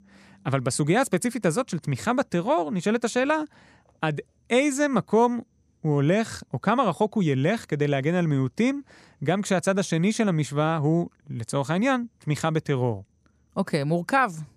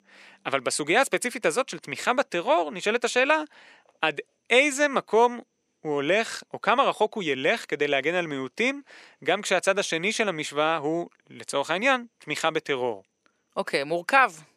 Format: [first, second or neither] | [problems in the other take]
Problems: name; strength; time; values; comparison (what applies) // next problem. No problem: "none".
first | thin; somewhat; fading below 450 Hz